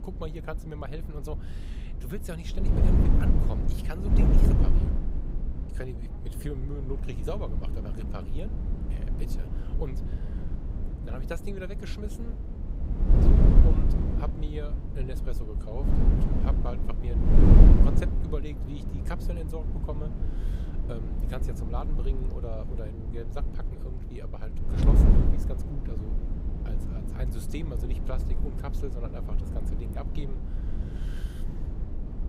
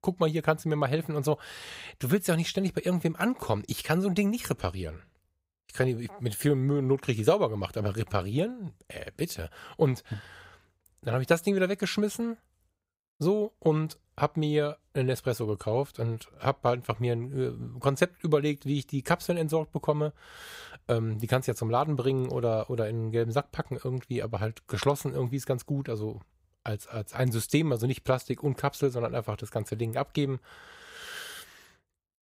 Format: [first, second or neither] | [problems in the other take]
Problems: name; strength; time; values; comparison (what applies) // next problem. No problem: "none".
second | wind noise on the microphone; heavy; 2 dB above the speech